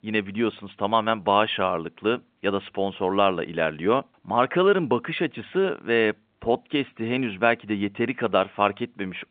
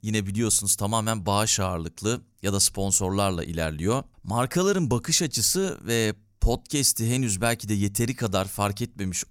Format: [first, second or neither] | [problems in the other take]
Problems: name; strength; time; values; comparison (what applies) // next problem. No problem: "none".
second | phone-call audio